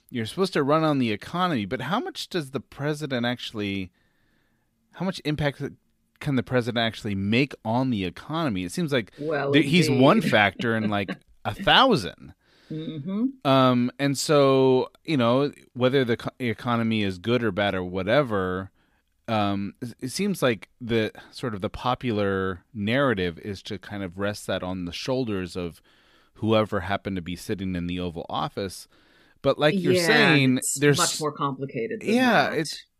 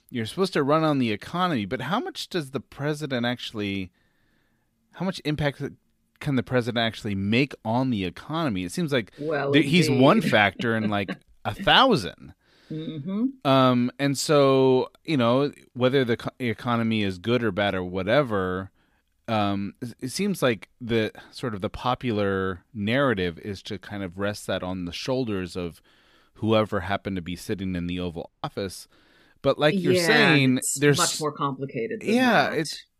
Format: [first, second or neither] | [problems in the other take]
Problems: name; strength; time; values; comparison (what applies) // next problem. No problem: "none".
first | audio cutting out; at 28 s